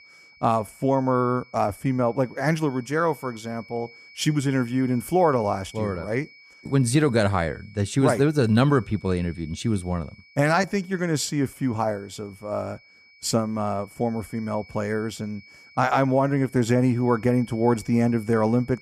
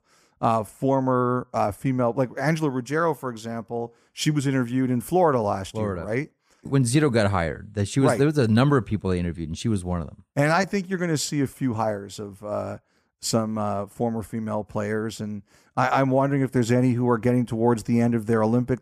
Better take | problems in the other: second | high-pitched whine; faint; throughout; 2.5 kHz, 25 dB below the speech

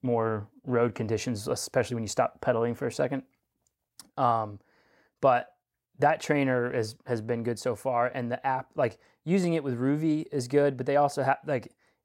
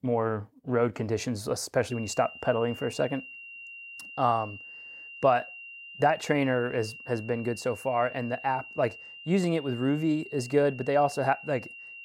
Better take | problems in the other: first | high-pitched whine; noticeable; from 2 s on; 3 kHz, 15 dB below the speech

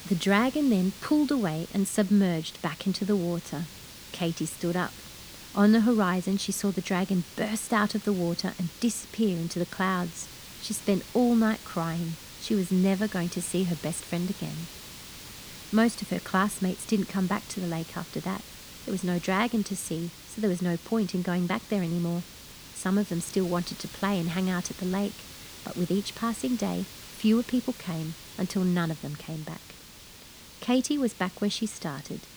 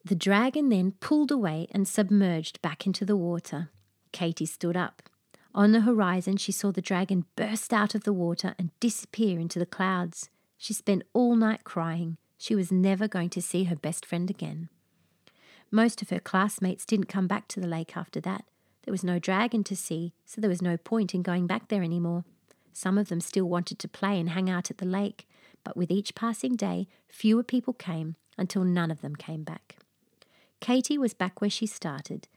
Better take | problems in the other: second | hiss; noticeable; throughout; 15 dB below the speech

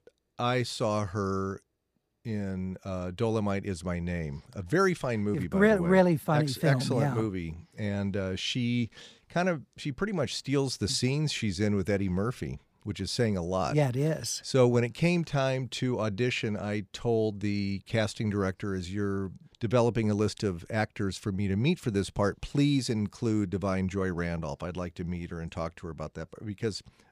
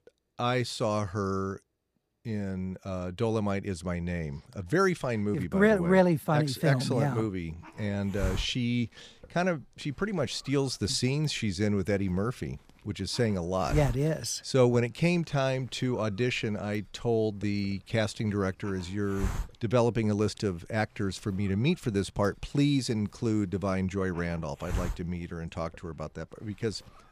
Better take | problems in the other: first | hiss; noticeable; from 7.5 s on; 10 dB below the speech

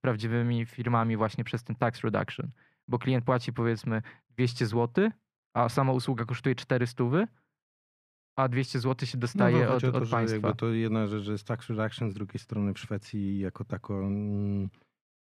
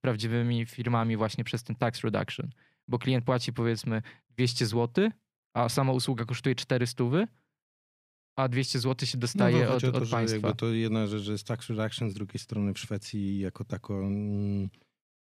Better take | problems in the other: second | muffled; slightly; fading above 3 kHz

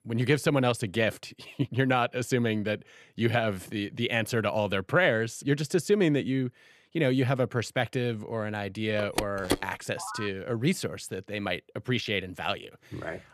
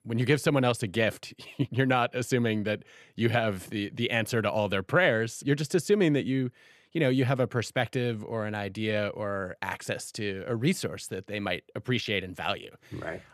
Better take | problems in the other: second | phone ringing; noticeable; from 9 to 10 s; peak 3 dB below the speech

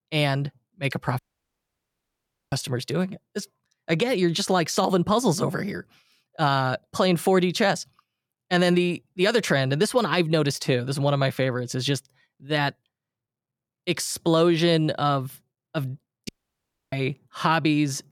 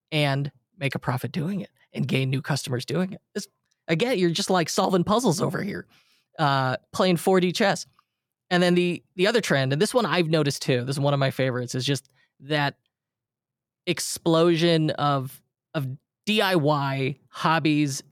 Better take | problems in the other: second | audio cutting out; at 1 s for 1.5 s and at 16 s for 0.5 s

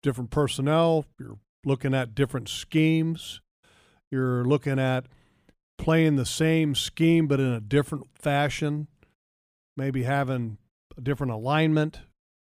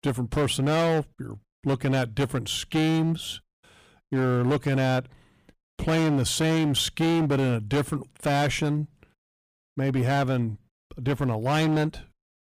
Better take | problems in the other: first | distortion; heavy; 16% of the sound clipped

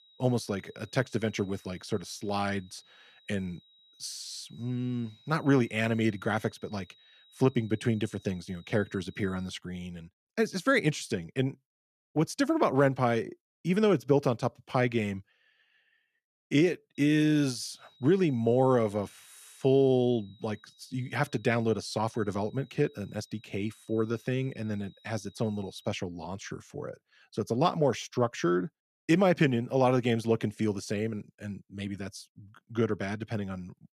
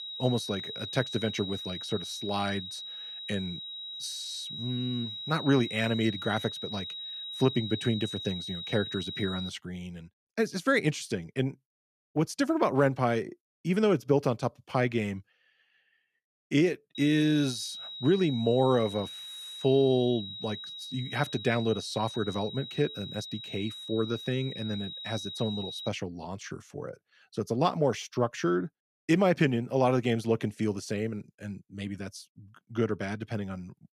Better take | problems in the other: first | high-pitched whine; loud; until 9.5 s and from 17 to 26 s; 4 kHz, 8 dB below the speech; faint in the first

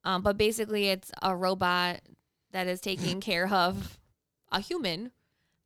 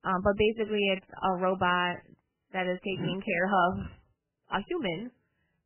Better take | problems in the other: first | garbled, watery; badly; nothing above 3 kHz

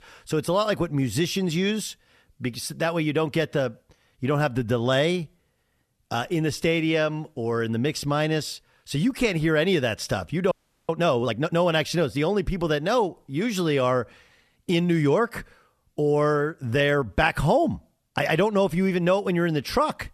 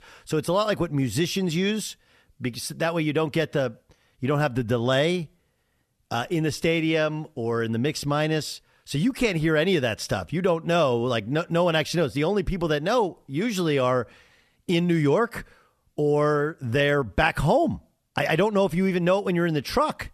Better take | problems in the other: second | audio freezing; at 11 s

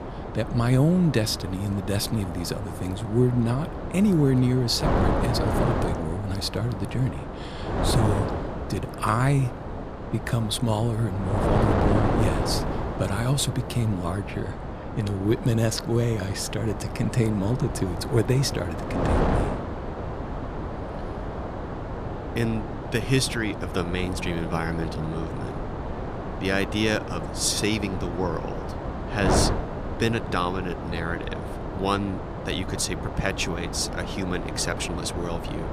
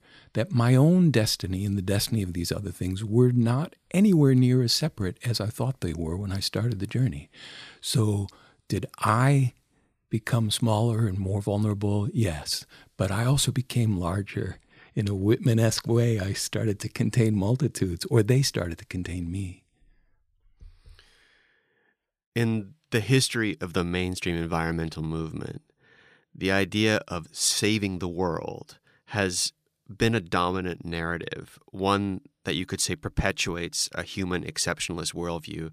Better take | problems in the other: second | wind noise on the microphone; heavy; 3 dB below the speech

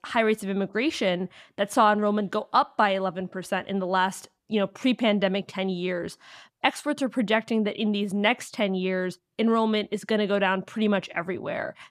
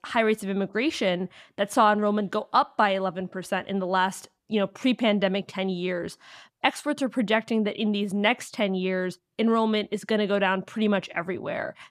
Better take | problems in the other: neither | none

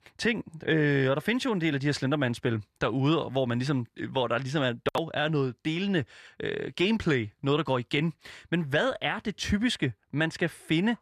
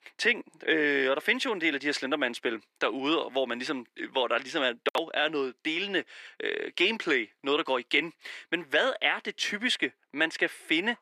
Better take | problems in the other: first | thin; somewhat; fading below 300 Hz

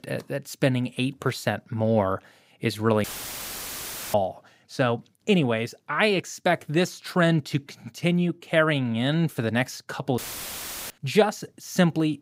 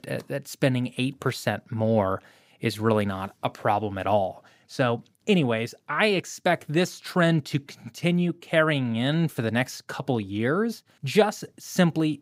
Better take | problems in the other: second | audio cutting out; filled with static; at 3 s for 1 s and at 10 s for 0.5 s

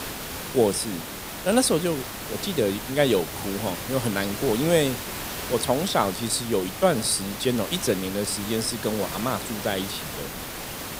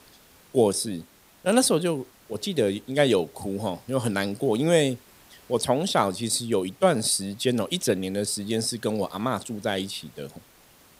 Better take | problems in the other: second | hiss; loud; throughout; 7 dB below the speech; faint in the second

